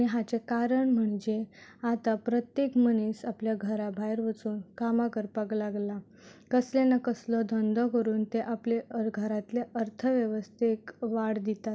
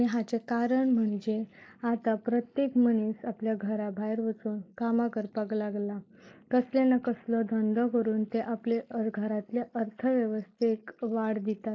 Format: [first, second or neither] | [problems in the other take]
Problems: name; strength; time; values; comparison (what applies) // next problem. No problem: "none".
first | noise reduction (neural mask model Resemble Enhance denoiser)